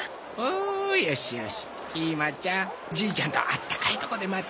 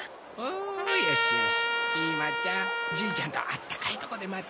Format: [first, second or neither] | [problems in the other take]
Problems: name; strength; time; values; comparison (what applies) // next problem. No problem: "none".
first | background sound (Trumpet); 5 dB above the speech